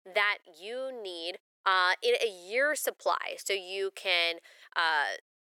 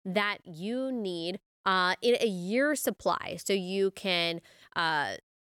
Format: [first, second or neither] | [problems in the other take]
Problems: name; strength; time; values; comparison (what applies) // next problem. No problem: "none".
second | thin; very; fading below 450 Hz